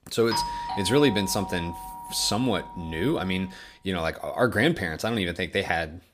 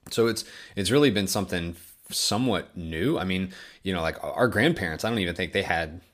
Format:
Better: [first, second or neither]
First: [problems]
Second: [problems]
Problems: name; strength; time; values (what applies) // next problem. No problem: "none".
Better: second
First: doorbell; noticeable; until 3.5 s; peak 3 dB below the speech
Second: none